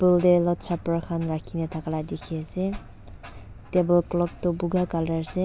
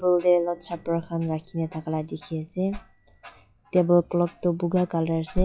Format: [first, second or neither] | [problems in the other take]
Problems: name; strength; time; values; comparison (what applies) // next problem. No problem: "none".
first | noise reduction (classical method log-MMSE)